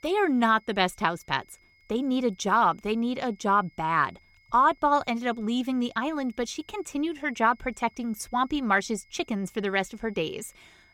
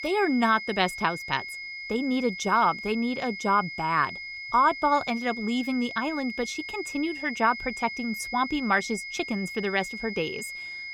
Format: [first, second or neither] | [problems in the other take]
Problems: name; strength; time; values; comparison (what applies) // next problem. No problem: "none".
first | high-pitched whine; loud; throughout; 2 kHz, 8 dB below the speech; faint in the first